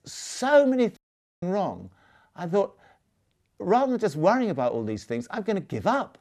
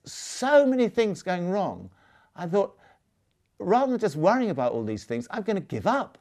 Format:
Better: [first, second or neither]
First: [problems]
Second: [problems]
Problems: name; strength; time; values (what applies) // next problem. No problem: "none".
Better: second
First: audio cutting out; at 1 s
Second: none